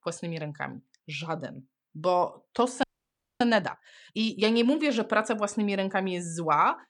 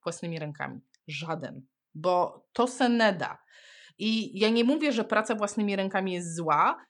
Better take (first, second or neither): second